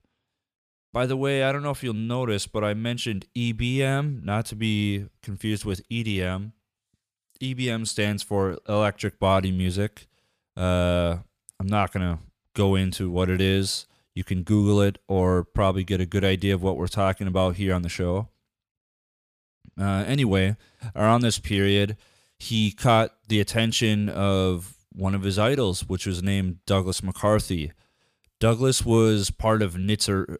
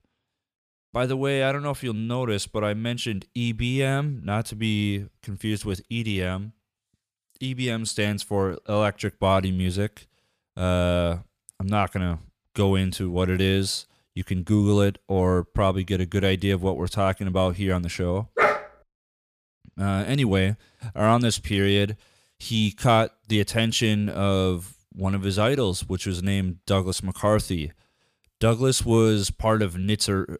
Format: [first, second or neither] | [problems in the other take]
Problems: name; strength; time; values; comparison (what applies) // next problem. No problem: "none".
first | dog barking; loud; at 18 s; peak 3 dB above the speech